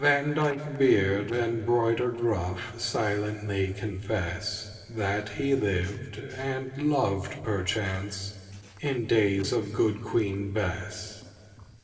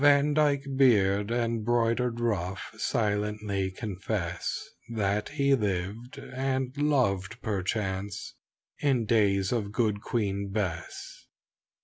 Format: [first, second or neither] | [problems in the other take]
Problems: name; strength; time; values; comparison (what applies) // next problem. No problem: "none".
second | noise reduction (neural separator model SepFormer DNS4)